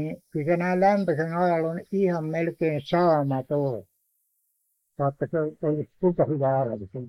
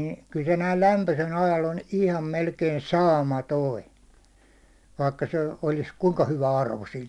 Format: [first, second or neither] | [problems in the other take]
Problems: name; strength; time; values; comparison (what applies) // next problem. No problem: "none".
second | noise reduction (neural mask model Resemble Enhance denoiser)